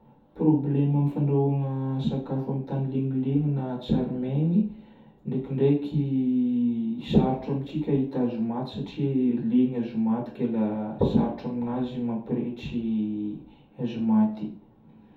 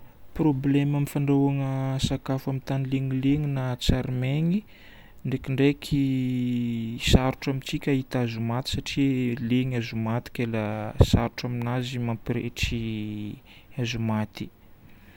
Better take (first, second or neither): second